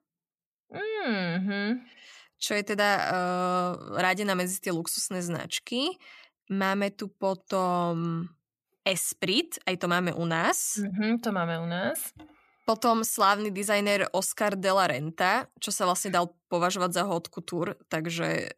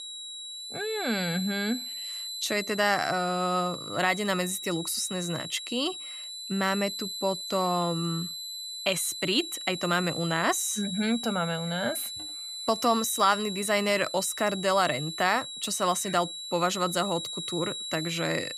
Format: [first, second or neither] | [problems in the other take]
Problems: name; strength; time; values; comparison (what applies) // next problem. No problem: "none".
first | high-pitched whine; loud; throughout; 4 kHz, 7 dB below the speech